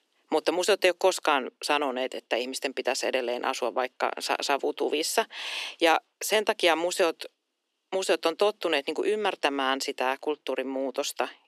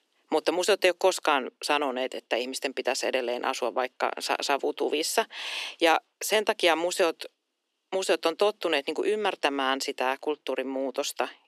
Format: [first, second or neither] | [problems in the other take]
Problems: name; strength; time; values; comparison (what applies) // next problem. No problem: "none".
neither | thin; very; fading below 300 Hz; the same in both